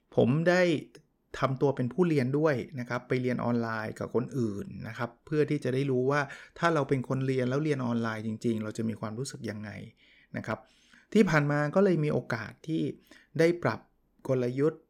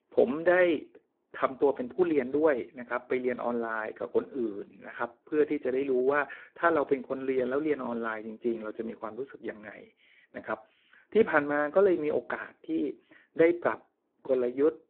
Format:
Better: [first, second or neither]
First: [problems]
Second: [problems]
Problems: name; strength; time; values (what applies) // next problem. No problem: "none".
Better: first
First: none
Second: phone-call audio; poor line; nothing above 3.5 kHz